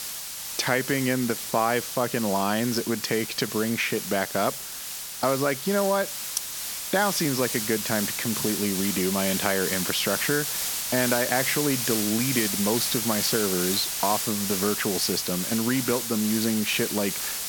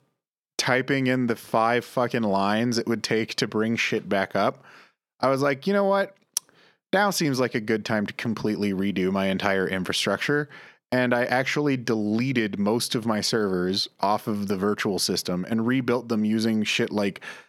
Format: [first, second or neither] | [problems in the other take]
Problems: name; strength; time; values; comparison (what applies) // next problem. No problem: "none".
second | hiss; loud; throughout; 2 dB below the speech